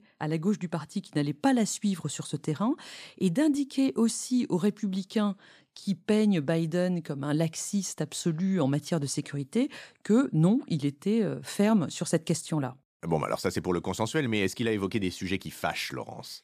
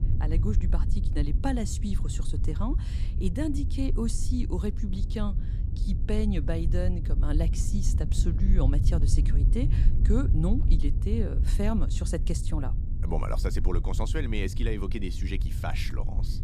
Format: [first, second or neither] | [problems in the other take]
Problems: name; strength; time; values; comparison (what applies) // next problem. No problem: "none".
first | low rumble; loud; throughout; 9 dB below the speech